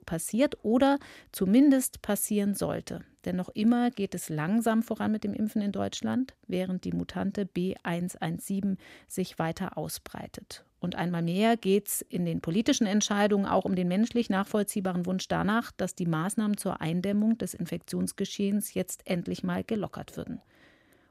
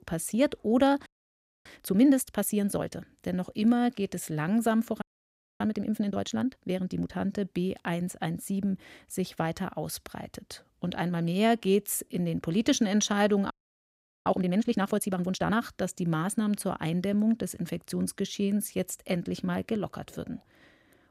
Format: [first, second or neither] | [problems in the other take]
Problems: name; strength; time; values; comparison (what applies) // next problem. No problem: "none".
first | audio freezing; at 1 s for 0.5 s, at 5 s for 0.5 s and at 14 s for 1 s